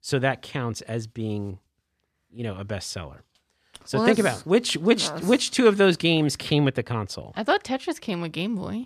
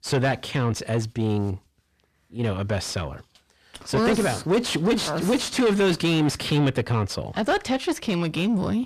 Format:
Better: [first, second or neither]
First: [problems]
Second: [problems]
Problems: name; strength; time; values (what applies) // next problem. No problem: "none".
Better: first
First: none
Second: distortion; heavy; 6 dB below the speech